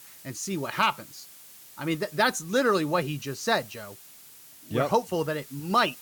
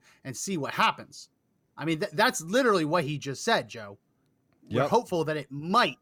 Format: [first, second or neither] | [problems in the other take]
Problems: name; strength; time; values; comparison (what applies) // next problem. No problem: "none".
second | hiss; noticeable; throughout; 20 dB below the speech